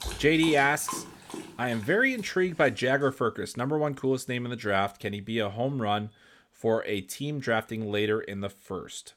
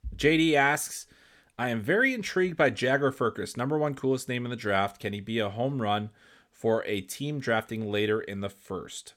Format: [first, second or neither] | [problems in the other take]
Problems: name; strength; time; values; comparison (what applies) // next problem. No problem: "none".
second | animal sounds; noticeable; throughout; 15 dB below the speech